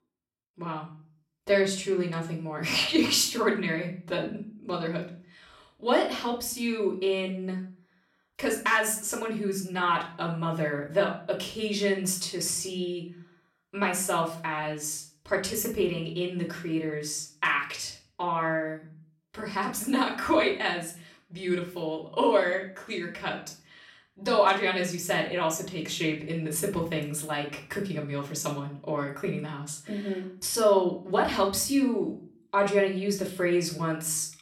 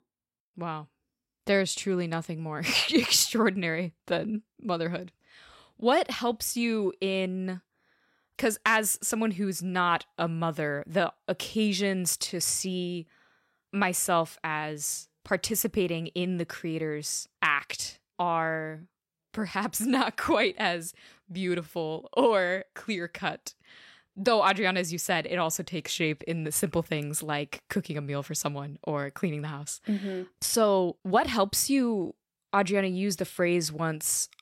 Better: second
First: off-mic speech; far // room echo; slight; dies away in 0.4 s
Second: none

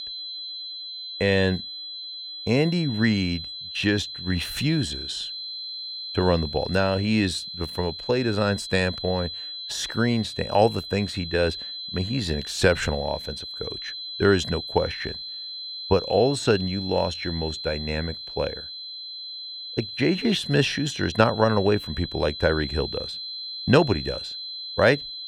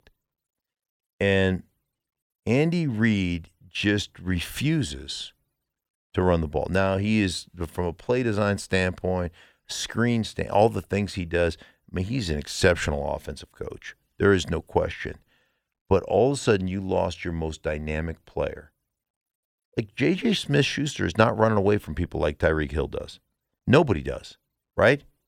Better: second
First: high-pitched whine; loud; throughout; 4 kHz, 8 dB below the speech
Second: none

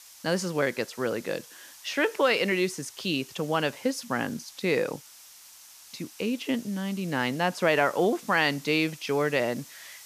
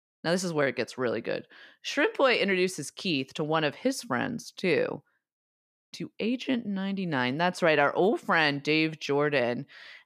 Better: second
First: hiss; noticeable; throughout; 20 dB below the speech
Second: none

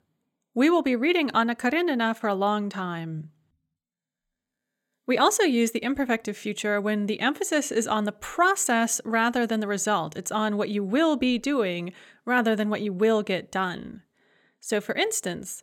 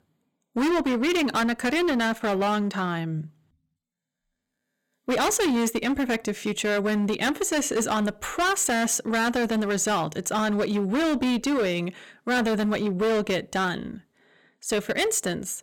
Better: first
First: none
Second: distortion; heavy; 18% of the sound clipped

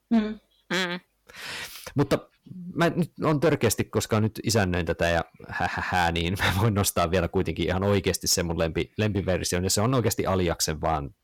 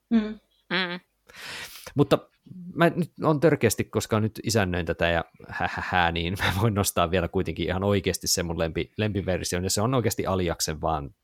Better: second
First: distortion; slight; 4% of the sound clipped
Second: none

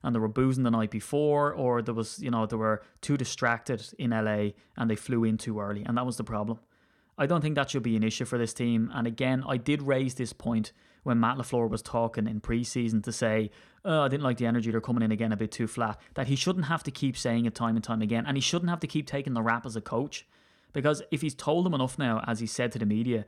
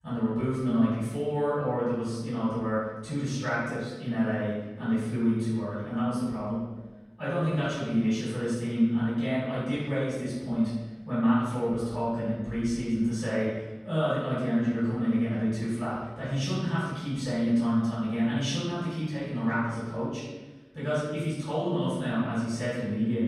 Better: first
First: none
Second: off-mic speech; far // room echo; strong; dies away in 1.1 s

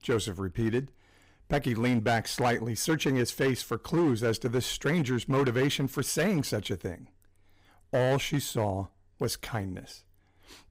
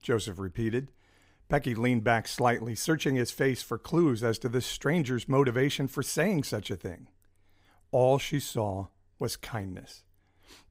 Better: second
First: distortion; slight; 7% of the sound clipped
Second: none

